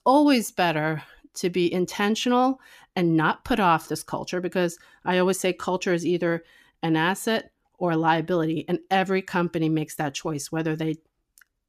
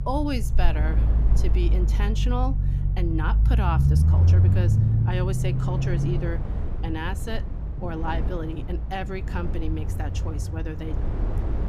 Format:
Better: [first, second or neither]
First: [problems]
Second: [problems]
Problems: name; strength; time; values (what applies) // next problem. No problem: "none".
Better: first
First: none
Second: low rumble; loud; throughout; 5 dB below the speech